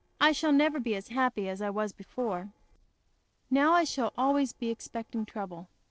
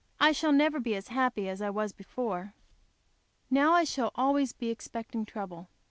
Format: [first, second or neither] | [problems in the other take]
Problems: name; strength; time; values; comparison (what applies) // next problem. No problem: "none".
second | noise reduction (neural separator model SepFormer DNS4)